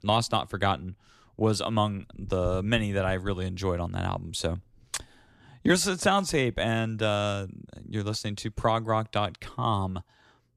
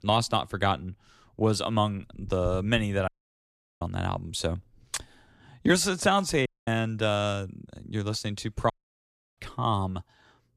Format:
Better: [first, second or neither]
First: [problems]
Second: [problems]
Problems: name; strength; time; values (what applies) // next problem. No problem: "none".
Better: first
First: none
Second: audio cutting out; at 3 s for 0.5 s, at 6.5 s and at 8.5 s for 0.5 s